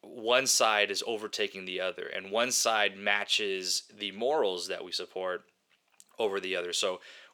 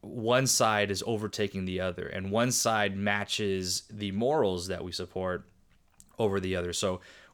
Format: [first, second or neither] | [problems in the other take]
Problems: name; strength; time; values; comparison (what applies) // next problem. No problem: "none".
second | thin; somewhat; fading below 400 Hz